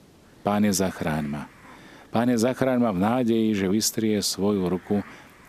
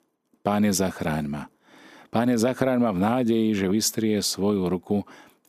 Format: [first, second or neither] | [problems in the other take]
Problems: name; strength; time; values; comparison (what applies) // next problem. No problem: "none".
second | hiss; faint; throughout; 25 dB below the speech